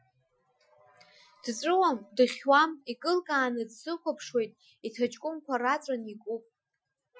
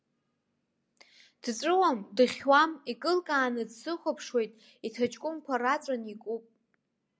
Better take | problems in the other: second | noise reduction (classical method Wiener filter)

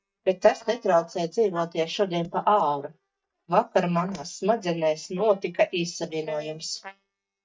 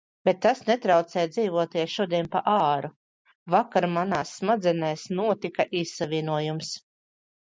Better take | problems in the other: second | noise reduction (neural mask model DeepFilterNet 3)

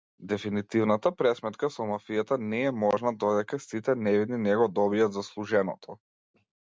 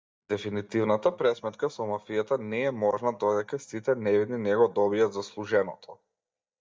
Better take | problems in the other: first | noise reduction (neural mask model DeepFilterNet 3)

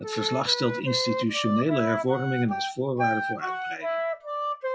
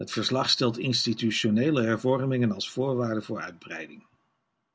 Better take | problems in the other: second | noise reduction (classical method log-MMSE)

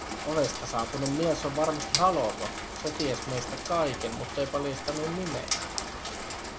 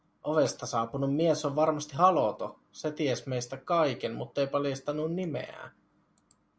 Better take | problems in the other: second | background sound (Rain); 4 dB below the speech

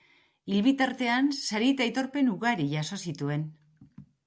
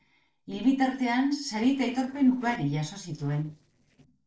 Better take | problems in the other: first | noise reduction (neural separator model SepFormer DNS4)

